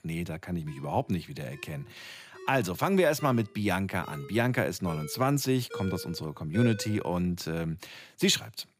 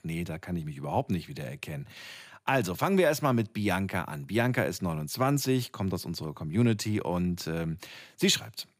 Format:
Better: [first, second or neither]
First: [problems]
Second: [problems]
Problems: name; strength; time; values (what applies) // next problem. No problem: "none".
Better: second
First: phone ringing; noticeable; from 0.5 to 7 s; peak 8 dB below the speech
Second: none